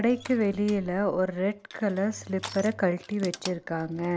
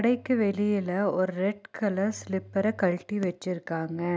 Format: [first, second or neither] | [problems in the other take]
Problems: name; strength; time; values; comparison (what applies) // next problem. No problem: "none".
second | background sound (Crushing); 18 dB below the speech